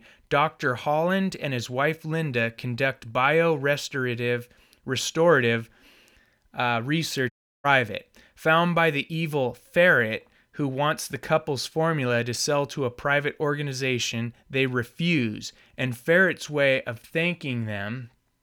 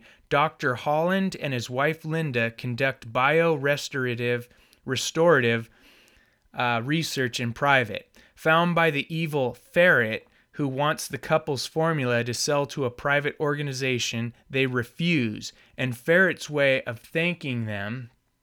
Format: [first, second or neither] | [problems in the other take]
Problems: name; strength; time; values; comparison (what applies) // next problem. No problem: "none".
second | audio cutting out; at 7.5 s